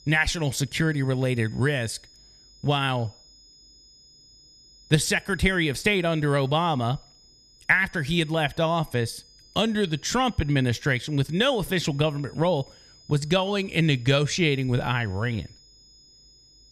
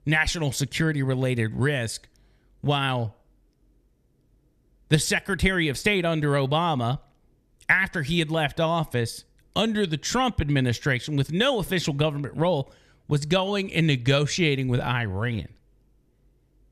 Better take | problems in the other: second | high-pitched whine; faint; throughout; 5 kHz, 25 dB below the speech

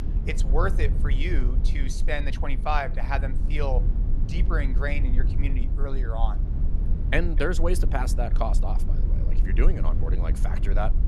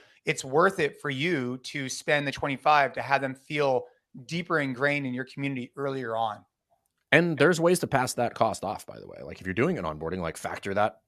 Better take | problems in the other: second | low rumble; noticeable; throughout; 10 dB below the speech

